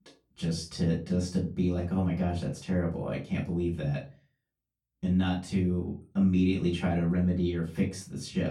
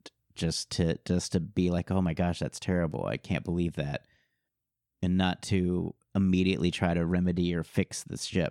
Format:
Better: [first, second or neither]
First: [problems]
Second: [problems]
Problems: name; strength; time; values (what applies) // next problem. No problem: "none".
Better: second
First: off-mic speech; far // room echo; slight; dies away in 0.3 s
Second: none